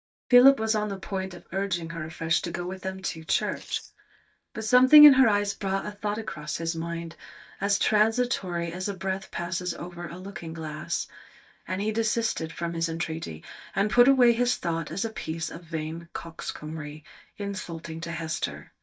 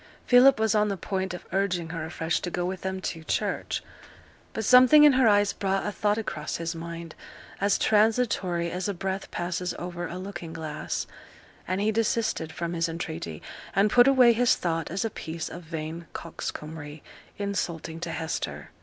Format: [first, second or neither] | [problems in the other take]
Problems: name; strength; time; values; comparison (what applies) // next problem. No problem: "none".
second | noise reduction (neural mask model DeepFilterNet 3)